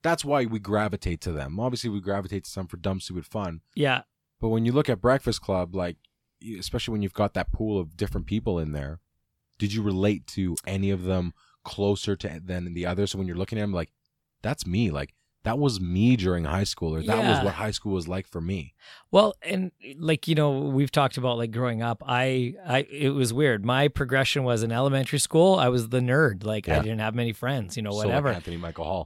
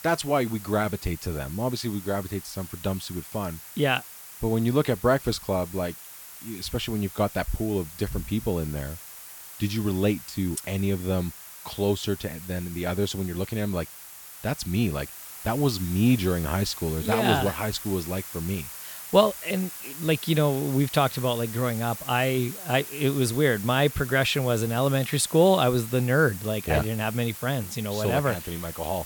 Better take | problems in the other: first | hiss; noticeable; throughout; 10 dB below the speech

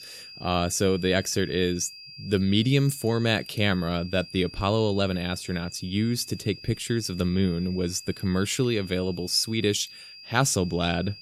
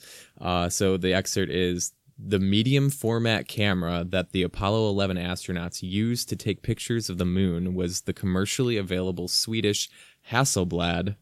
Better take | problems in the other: second | high-pitched whine; noticeable; throughout; 5 kHz, 15 dB below the speech

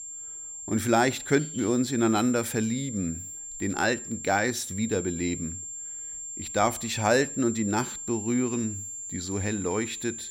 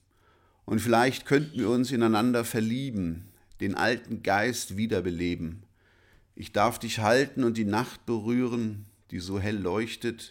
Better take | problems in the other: second | high-pitched whine; loud; throughout; 7.5 kHz, 8 dB below the speech

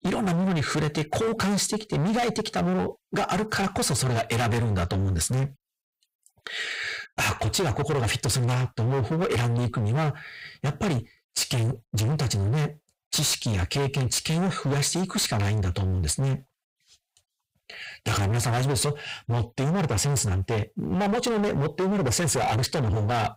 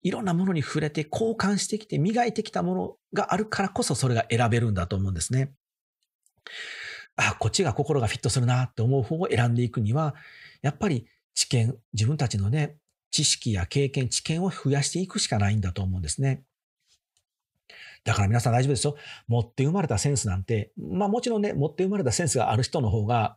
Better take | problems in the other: second | distortion; heavy; 34% of the sound clipped

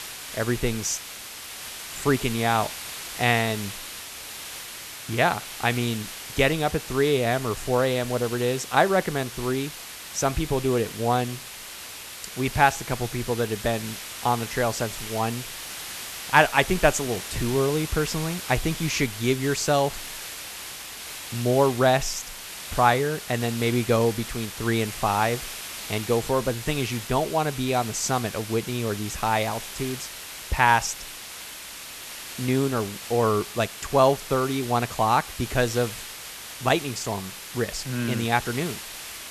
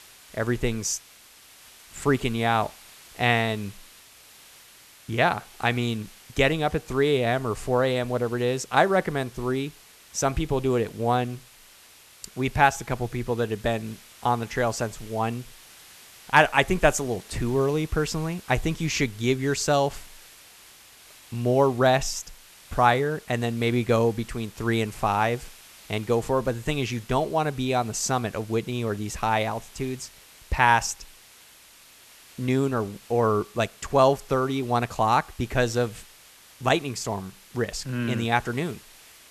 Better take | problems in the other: second | hiss; loud; throughout; 10 dB below the speech; faint in the second

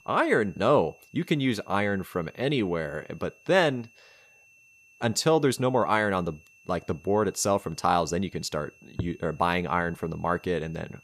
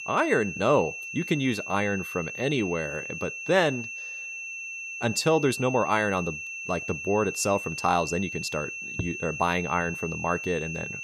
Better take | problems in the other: first | high-pitched whine; loud; throughout; 2.5 kHz, 7 dB below the speech; faint in the first

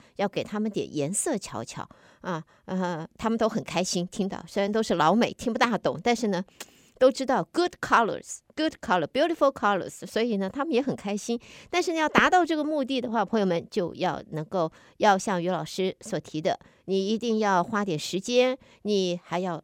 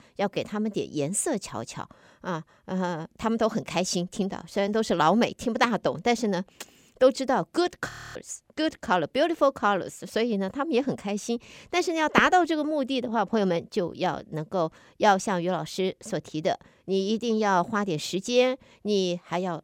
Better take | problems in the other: first | audio freezing; at 8 s

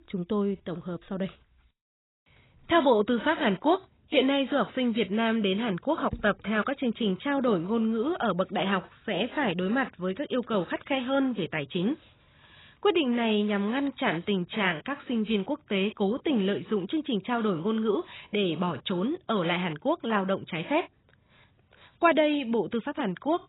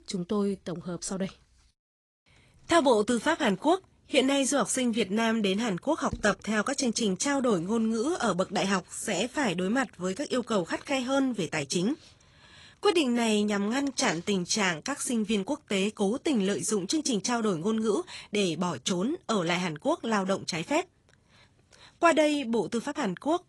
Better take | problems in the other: second | garbled, watery; badly; nothing above 3.5 kHz; slightly in the second

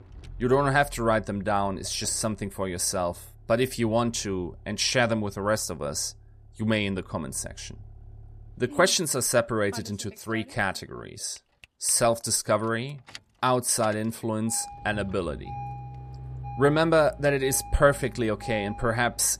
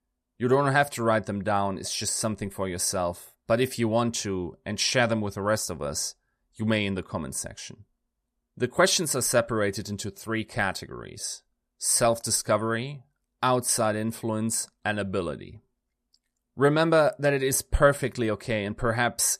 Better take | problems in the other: second | traffic noise; noticeable; throughout; 20 dB below the speech

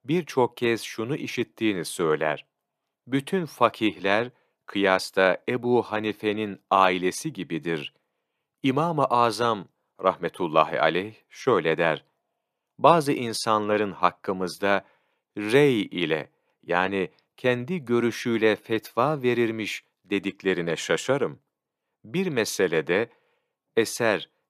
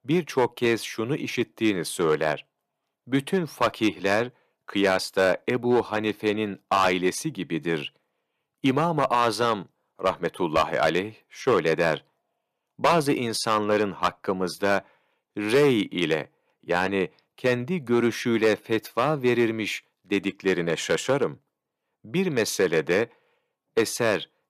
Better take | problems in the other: first | distortion; slight; 2% of the sound clipped

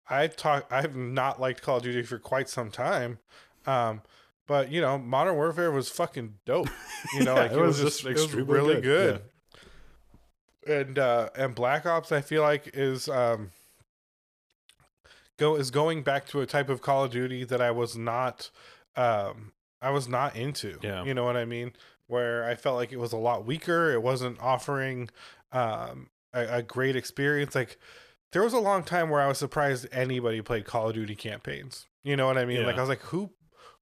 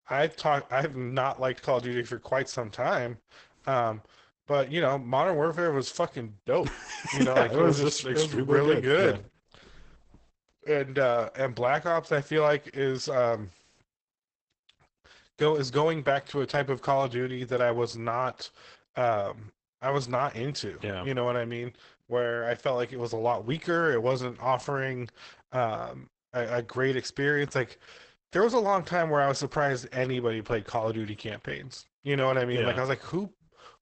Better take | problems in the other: first | garbled, watery; badly; nothing above 8 kHz

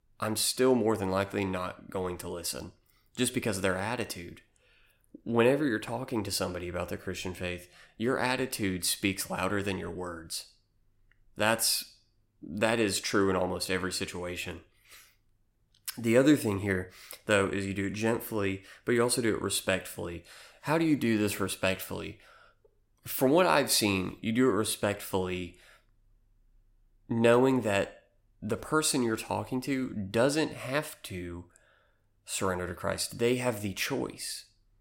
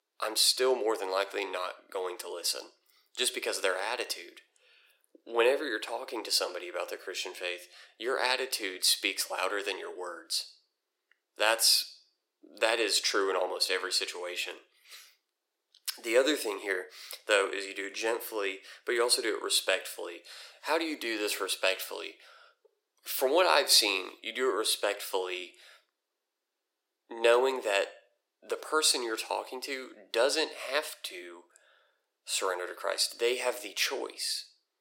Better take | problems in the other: first | thin; very; fading below 350 Hz

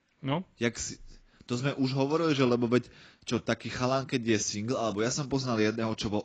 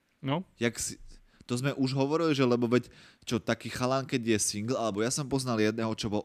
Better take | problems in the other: second | garbled, watery; badly; nothing above 7.5 kHz

